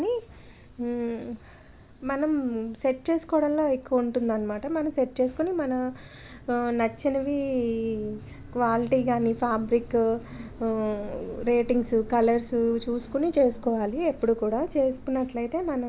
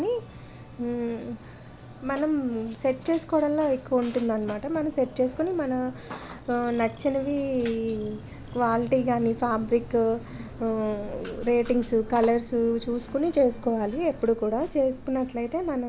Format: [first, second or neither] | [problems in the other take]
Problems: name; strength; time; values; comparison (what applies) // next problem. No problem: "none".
first | background sound (Burping, eructation); 19 dB below the speech